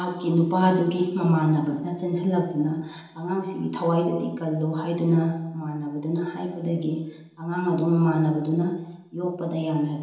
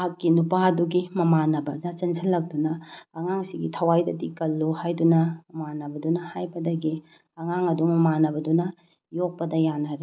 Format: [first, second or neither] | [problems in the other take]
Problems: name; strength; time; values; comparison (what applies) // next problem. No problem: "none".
second | room echo; dies away in 0.9 s